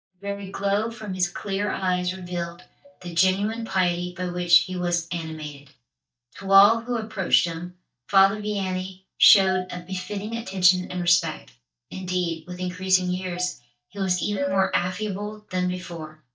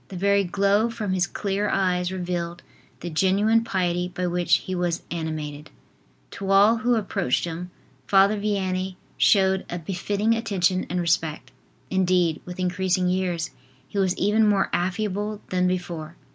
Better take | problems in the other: second | noise reduction (neural mask model DeepFilterNet 3)

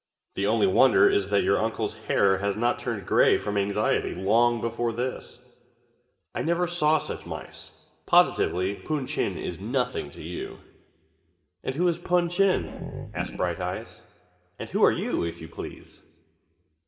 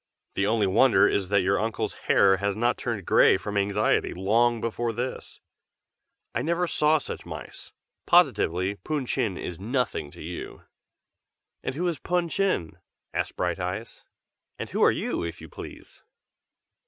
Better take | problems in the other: second | background sound (Growling); 13 dB below the speech // room echo; dies away in 1.4 s

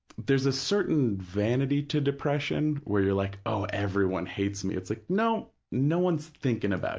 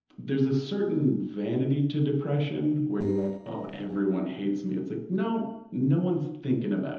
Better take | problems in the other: first | noise reduction (neural separator model SepFormer DNS4)

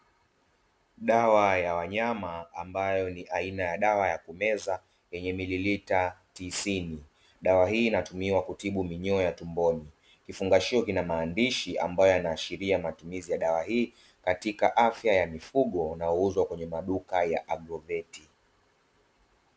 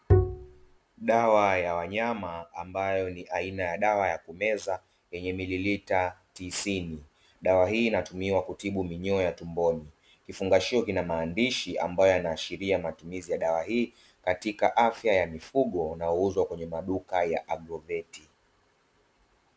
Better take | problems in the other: first | background sound (Bowed string instrument); 4 dB above the speech

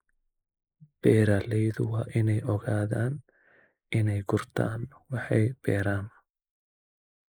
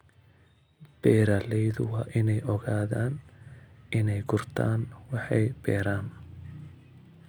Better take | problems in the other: second | noise reduction (neural mask model Resemble Enhance denoiser)

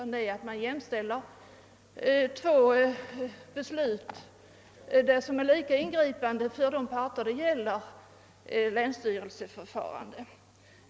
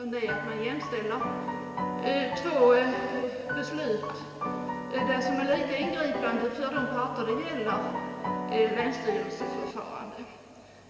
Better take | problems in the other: first | background sound (Piano); 5 dB below the speech // room echo; dies away in 2.8 s

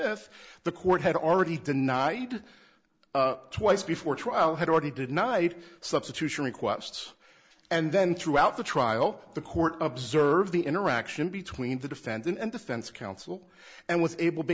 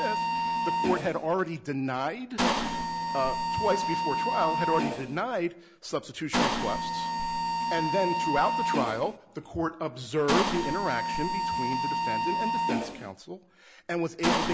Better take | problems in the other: first | background sound (Mechanisms); 1 dB above the speech

